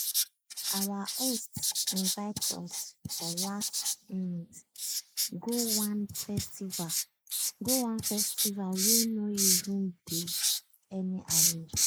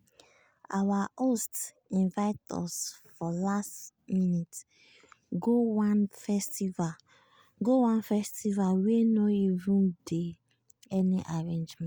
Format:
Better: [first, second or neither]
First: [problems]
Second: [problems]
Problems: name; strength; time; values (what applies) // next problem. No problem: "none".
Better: second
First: noise reduction (neural mask model Resemble Enhance denoiser)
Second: none